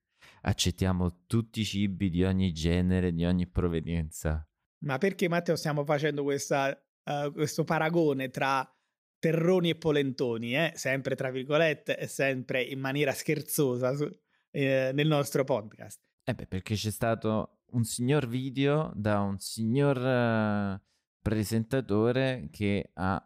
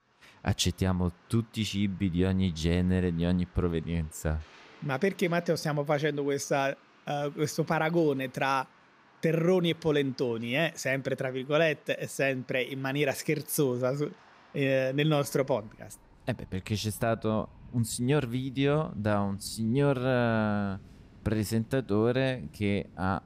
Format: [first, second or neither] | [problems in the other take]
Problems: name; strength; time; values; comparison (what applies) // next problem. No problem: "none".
first | rain or running water; faint; throughout; 25 dB below the speech